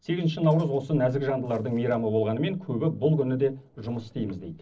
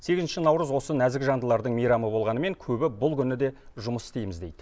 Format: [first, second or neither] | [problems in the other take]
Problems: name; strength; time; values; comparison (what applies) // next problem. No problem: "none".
second | noise reduction (neural separator model SepFormer DNS4)